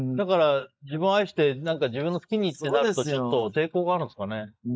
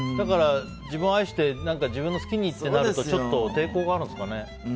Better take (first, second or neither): second